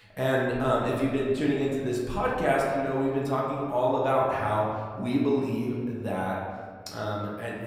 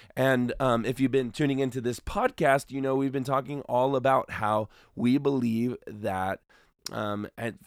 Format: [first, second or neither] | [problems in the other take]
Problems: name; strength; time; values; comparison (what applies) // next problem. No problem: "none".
second | room echo; noticeable; dies away in 1.5 s // off-mic speech; far